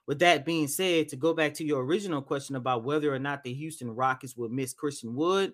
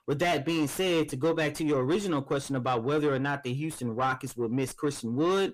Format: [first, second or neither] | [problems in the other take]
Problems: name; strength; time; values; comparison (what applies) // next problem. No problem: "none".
first | distortion; heavy; 7 dB below the speech